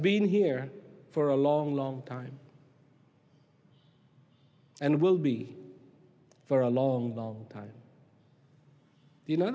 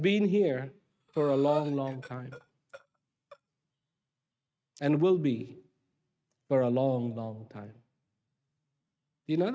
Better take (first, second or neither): first